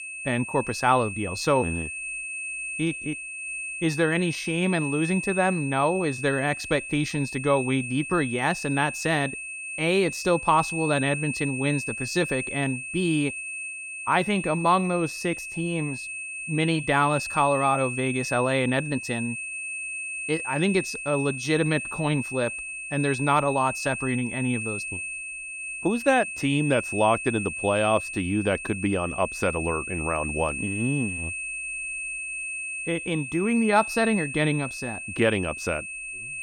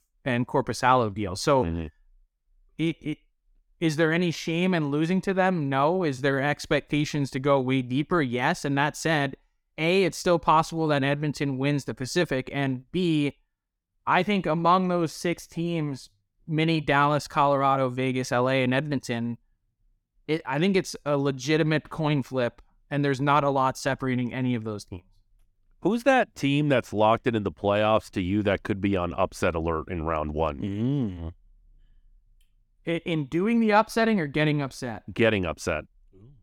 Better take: second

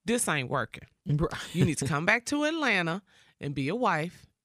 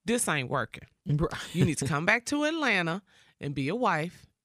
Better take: neither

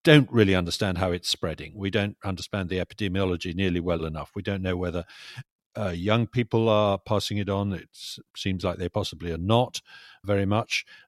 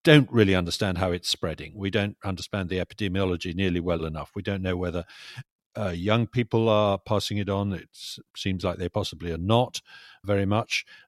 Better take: neither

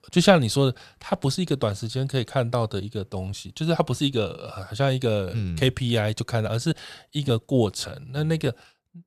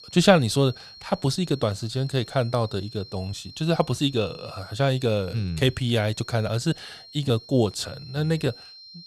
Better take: first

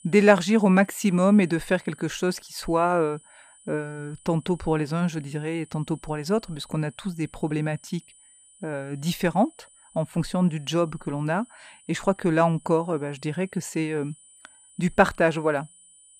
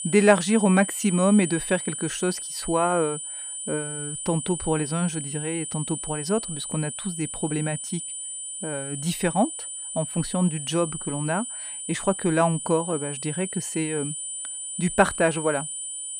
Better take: first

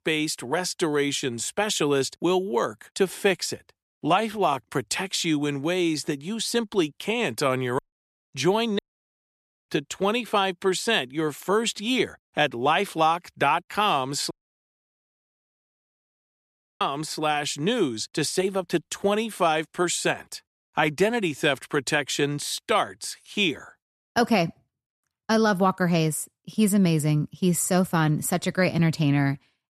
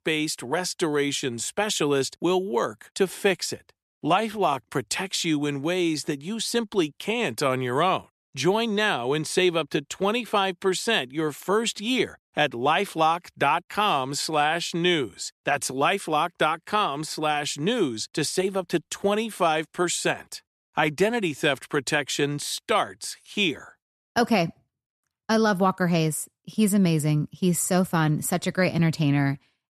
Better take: second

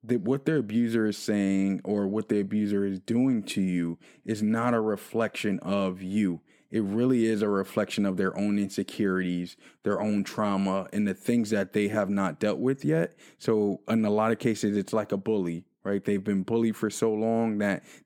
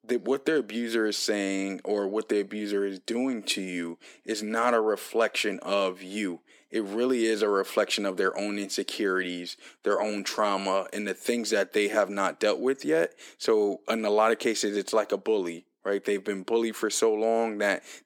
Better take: first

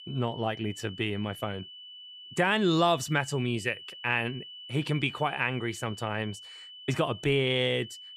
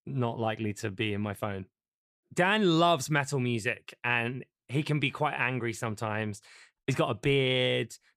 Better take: second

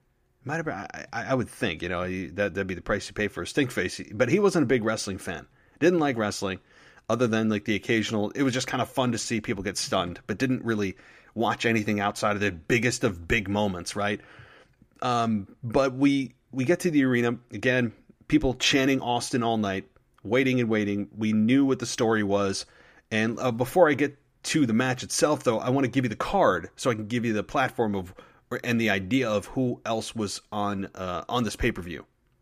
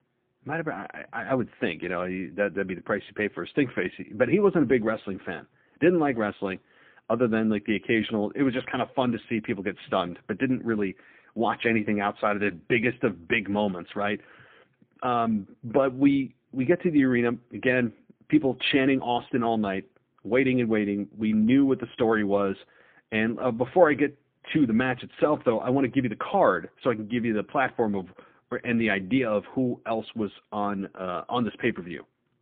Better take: first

